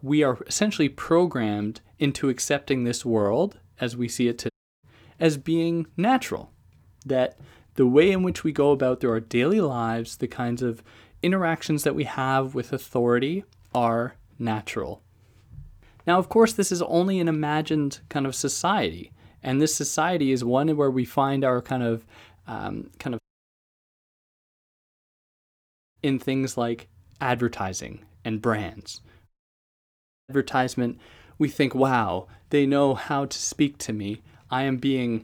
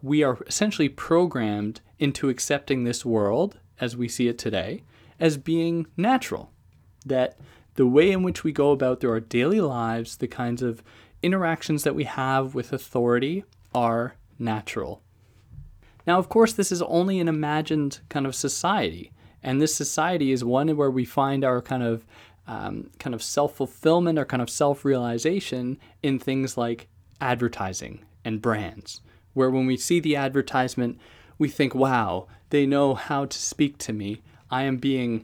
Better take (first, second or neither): second